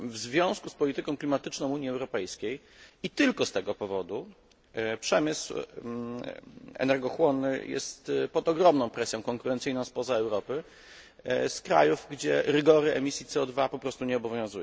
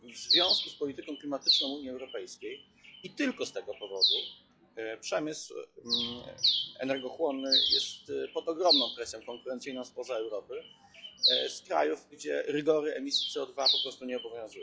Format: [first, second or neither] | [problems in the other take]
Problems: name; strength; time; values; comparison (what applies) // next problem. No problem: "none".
first | noise reduction (classical method log-MMSE)